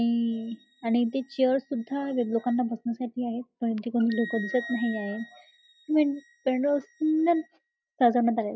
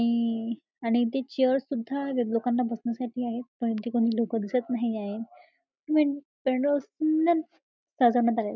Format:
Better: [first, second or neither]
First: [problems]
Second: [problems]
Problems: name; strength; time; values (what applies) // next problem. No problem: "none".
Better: second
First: noise reduction (classical method log-MMSE)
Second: none